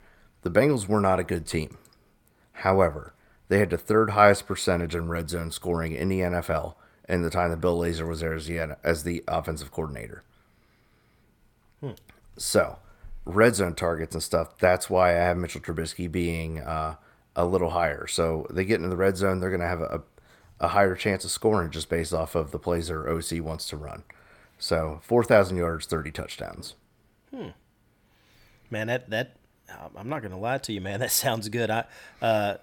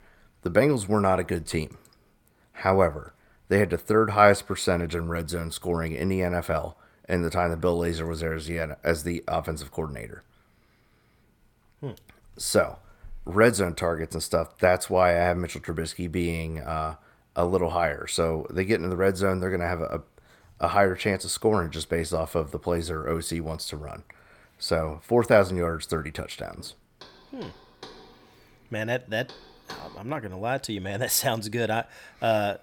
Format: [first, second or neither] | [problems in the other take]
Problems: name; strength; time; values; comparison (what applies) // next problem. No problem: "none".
first | door banging; faint; from 27 to 30 s; peak 15 dB below the speech